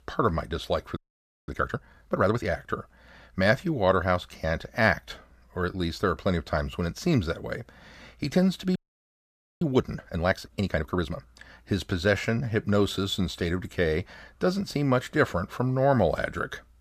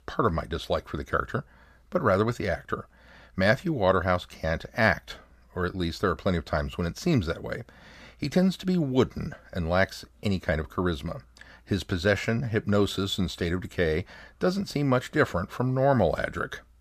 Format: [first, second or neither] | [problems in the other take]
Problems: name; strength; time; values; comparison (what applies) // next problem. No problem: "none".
second | audio freezing; at 1 s for 0.5 s and at 9 s for 1 s